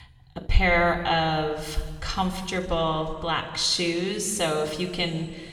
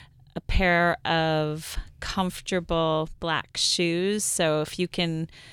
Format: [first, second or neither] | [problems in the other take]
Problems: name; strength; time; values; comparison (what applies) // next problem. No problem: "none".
second | room echo; slight; dies away in 1.5 s